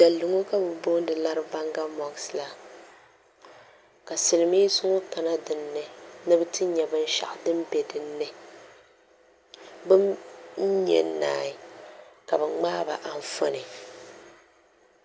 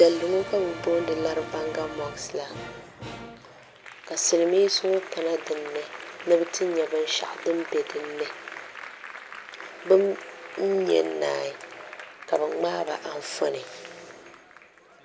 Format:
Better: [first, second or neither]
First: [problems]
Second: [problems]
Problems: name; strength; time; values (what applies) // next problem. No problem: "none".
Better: first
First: none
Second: background sound (Applause); 14 dB below the speech